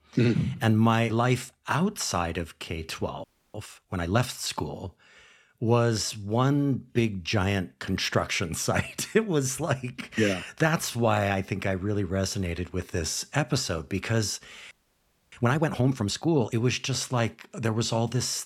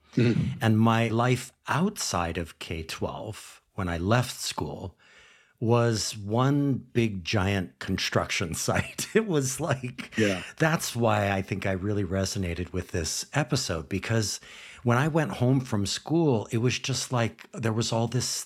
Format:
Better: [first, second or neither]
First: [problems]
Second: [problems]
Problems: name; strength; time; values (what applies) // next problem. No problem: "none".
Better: second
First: audio freezing; at 3 s and at 15 s for 0.5 s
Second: none